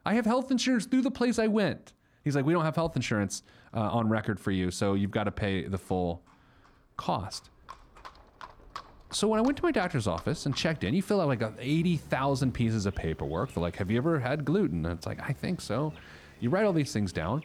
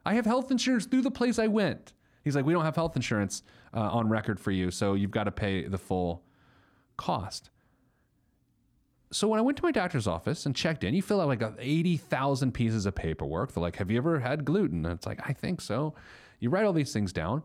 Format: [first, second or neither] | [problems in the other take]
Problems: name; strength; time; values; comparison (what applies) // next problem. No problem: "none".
second | animal sounds; faint; throughout; 20 dB below the speech